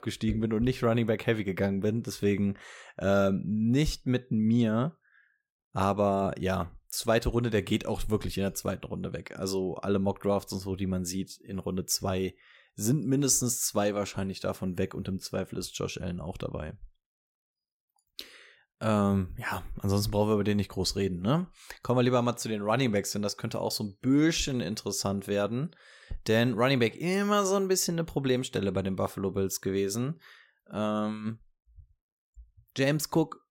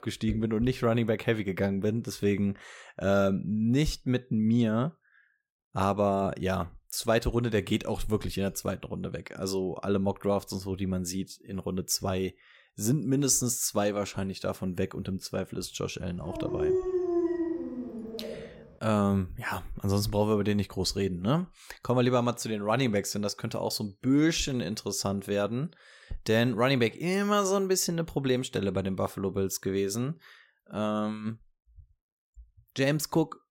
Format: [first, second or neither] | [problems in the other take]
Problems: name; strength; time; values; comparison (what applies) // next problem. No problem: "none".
first | dog barking; loud; from 16 to 18 s; peak 1 dB above the speech